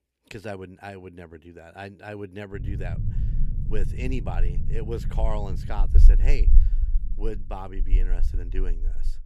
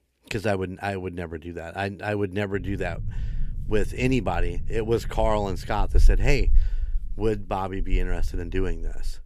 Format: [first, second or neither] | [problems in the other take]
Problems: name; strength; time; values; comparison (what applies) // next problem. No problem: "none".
second | low rumble; loud; from 2.5 s on; 8 dB below the speech; faint in the second